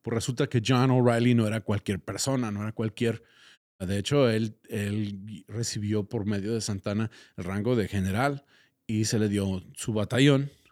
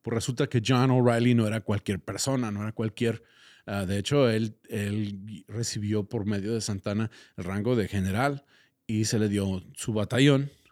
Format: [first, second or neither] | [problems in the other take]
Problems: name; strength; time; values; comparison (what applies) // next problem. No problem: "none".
second | audio cutting out; at 3.5 s